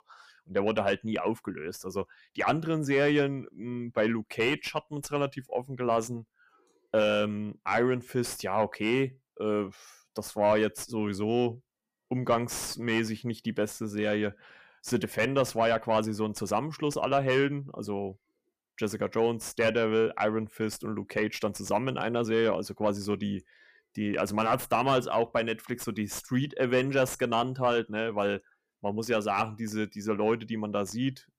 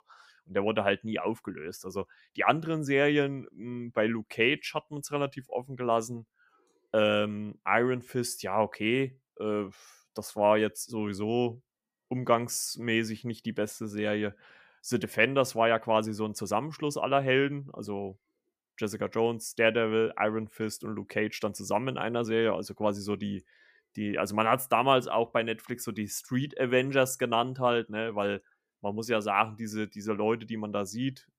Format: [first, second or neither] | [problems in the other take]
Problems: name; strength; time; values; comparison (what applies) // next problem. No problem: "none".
second | distortion; slight; 10 dB below the speech